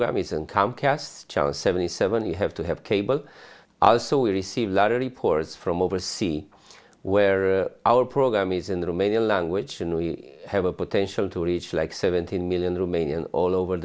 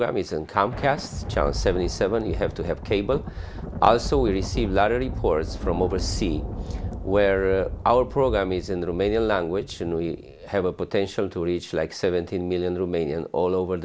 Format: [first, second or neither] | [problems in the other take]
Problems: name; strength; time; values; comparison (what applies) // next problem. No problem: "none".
first | background sound (Thunder); 8 dB below the speech